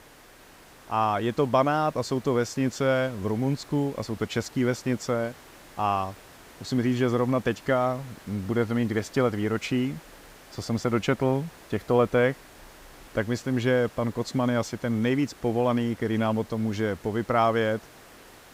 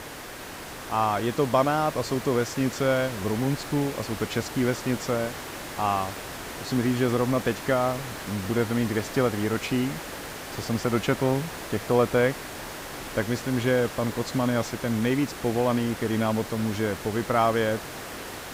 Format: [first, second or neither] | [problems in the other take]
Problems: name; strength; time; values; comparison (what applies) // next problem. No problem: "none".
first | hiss; loud; throughout; 10 dB below the speech; faint in the first